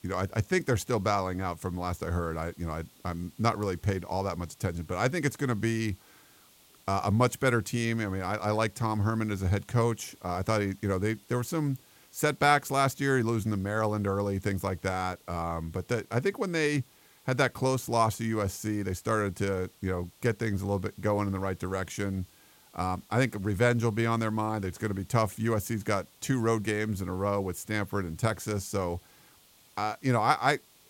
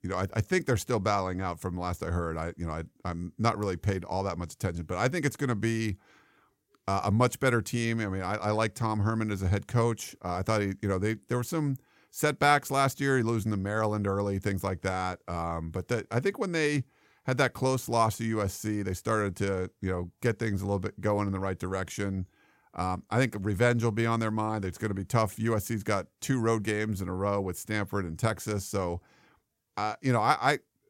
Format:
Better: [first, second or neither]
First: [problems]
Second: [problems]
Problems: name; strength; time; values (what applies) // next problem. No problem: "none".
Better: second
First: hiss; faint; throughout; 25 dB below the speech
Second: none